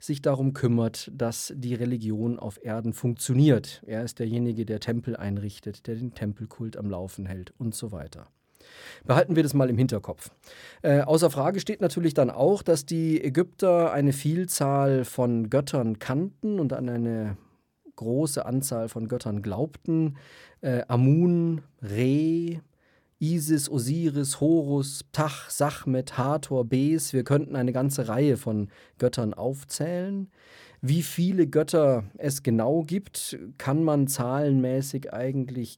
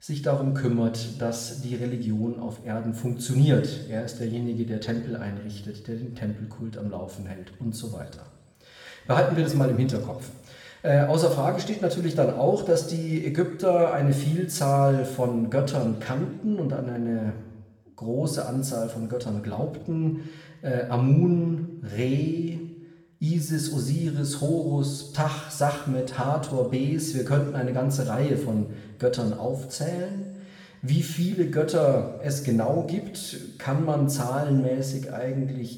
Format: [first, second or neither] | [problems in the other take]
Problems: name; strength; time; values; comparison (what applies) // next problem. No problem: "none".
first | room echo; noticeable; dies away in 1 s // off-mic speech; somewhat distant